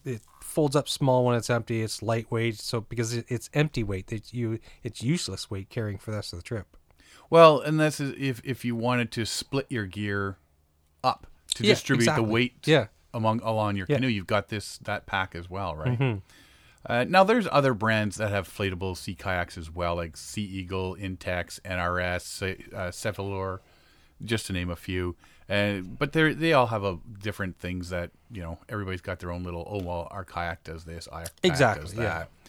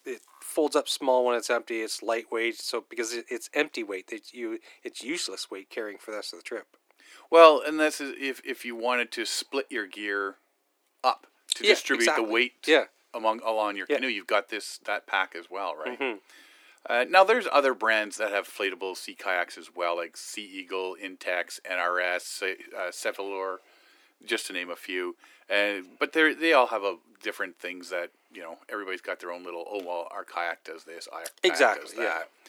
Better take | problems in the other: first | thin; somewhat; fading below 300 Hz

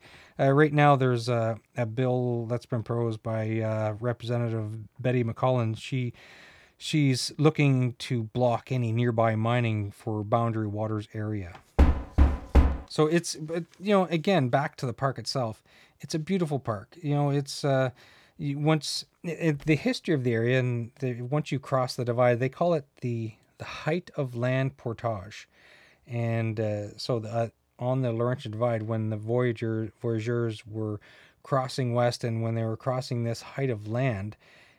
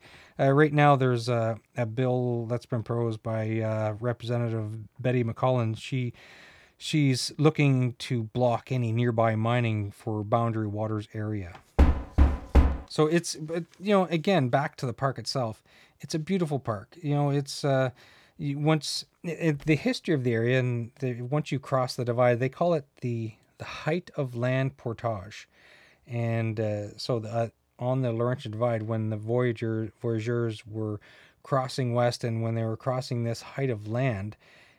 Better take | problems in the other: neither | door banging; loud; at 12 s; peak 4 dB above the speech; the same in both

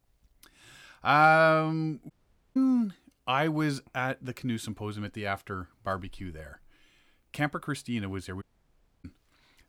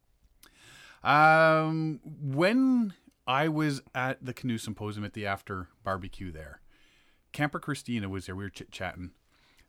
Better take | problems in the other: second | audio cutting out; at 2 s and at 8.5 s for 0.5 s

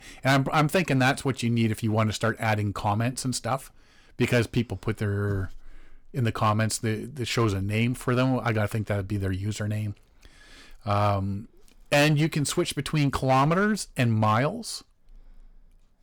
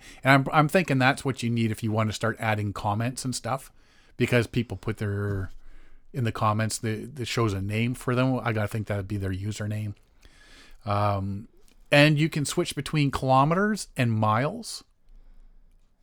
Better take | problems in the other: second | distortion; slight; 4% of the sound clipped

